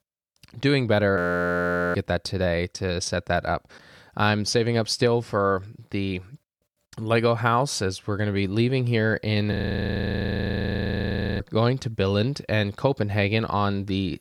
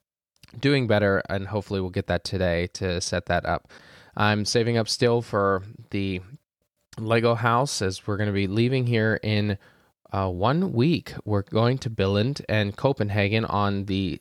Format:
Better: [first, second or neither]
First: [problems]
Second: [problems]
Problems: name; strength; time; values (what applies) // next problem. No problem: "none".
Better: second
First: audio freezing; at 1 s for 1 s and at 9.5 s for 2 s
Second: none